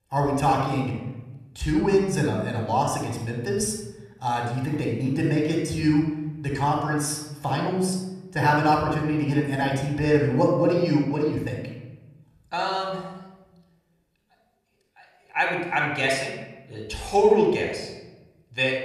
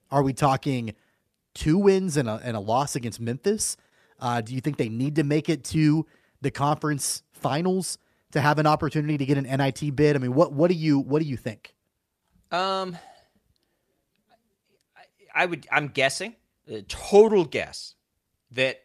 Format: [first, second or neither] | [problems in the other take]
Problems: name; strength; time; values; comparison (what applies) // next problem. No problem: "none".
second | off-mic speech; somewhat distant // room echo; noticeable; dies away in 0.9 s